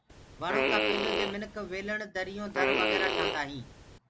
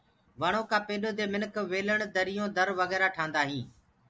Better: second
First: background sound (Fart); 4 dB above the speech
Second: none

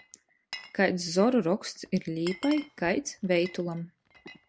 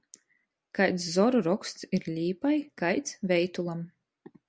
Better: second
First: background sound (Glass); 19 dB below the speech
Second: none

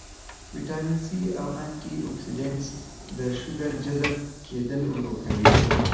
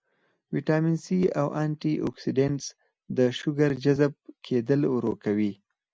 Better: second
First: background sound (Sliding door / Train); 2 dB above the speech // room echo; dies away in 1.1 s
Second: none

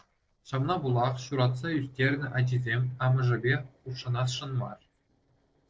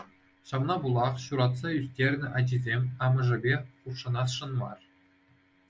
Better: second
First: noise reduction (neural separator model SepFormer DNS4)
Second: none

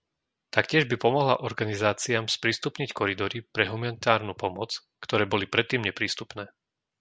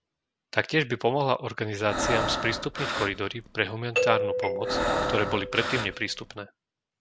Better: first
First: none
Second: background sound (Doorbell + Breathing); as loud as the speech

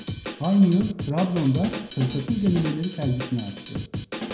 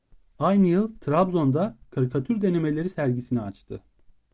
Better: second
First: background sound (Drum kit); 9 dB below the speech // room echo; dies away in 0.7 s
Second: none

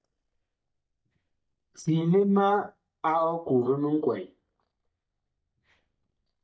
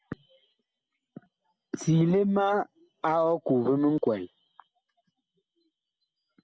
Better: second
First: noise reduction (neural mask model DeepFilterNet 3)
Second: none

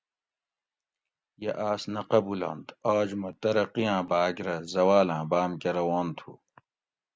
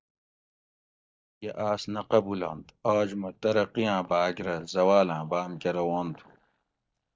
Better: first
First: none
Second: noise reduction (neural mask model DeepFilterNet 3)

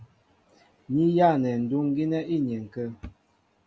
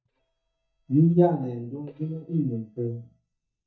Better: first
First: none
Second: noise reduction (neural mask model DeepFilterNet 3)

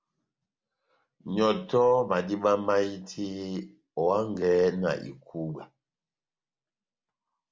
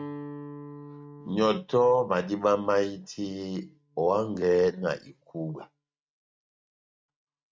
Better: first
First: none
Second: noise reduction (neural mask model RNNoise)

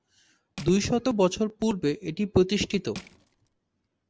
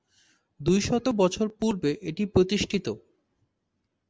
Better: second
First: background sound (Crushing); 17 dB below the speech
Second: none

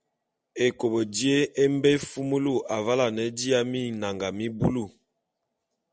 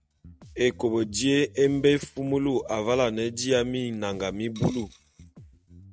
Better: first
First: none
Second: noise reduction (neural mask model RNNoise)

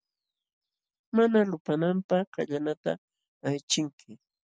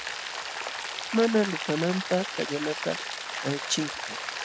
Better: first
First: none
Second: background sound (Rain); 5 dB below the speech

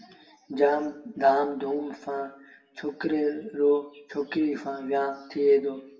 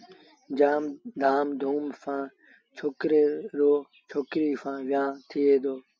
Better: second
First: room echo; dies away in 0.6 s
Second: none

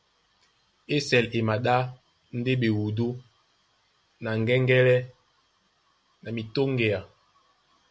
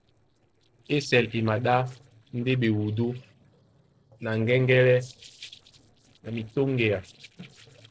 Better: first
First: none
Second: noise reduction (neural separator model SepFormer DNS4)

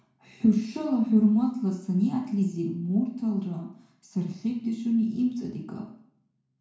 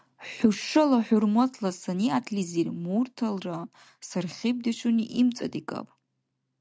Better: second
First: room echo; dies away in 0.6 s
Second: none

